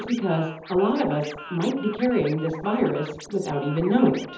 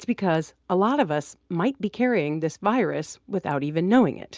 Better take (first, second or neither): second